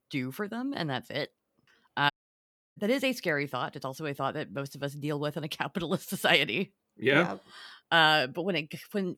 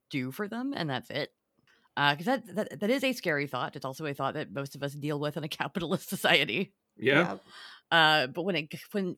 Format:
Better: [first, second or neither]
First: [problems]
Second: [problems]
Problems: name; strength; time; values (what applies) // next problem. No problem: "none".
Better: second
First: audio cutting out; at 2 s for 0.5 s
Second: none